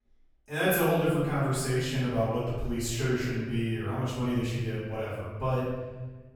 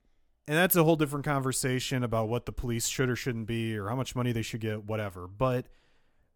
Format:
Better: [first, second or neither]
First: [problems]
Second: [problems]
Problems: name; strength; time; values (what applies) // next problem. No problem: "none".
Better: second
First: off-mic speech; far // room echo; strong; dies away in 1.3 s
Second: none